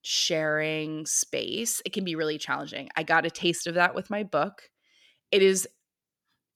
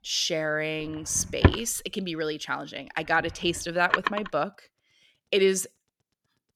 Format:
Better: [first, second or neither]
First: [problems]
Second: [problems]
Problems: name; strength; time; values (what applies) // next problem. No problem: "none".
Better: first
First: none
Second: household noises; very loud; throughout; 1 dB above the speech